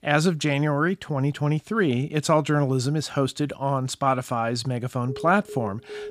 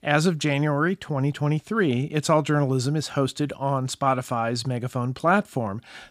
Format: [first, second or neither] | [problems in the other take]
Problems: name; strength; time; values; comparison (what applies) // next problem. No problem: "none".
second | phone ringing; faint; from 5 s on; peak 15 dB below the speech